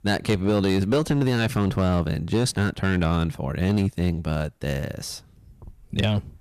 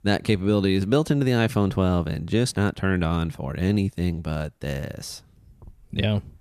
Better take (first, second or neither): second